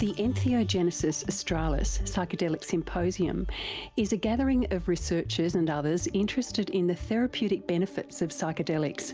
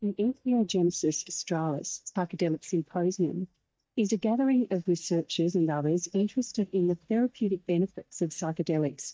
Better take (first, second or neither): first